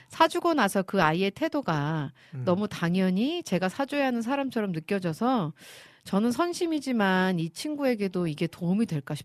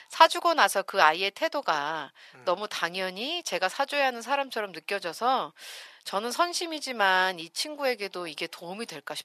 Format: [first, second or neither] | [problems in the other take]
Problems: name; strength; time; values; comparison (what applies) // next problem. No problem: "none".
first | thin; very; fading below 750 Hz